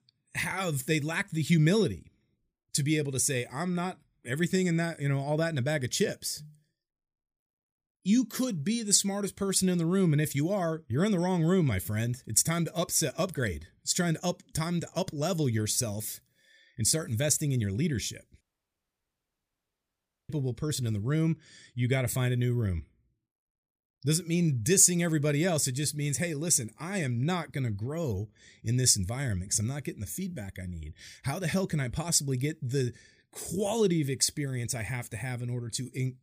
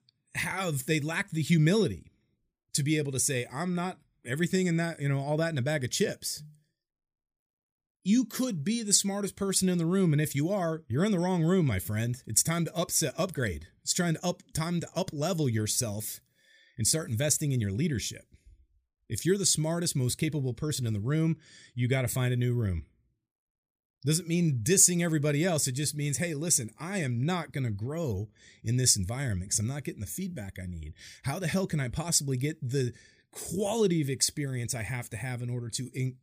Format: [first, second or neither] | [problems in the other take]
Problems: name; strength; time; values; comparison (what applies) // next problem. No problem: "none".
second | audio cutting out; at 18 s for 2 s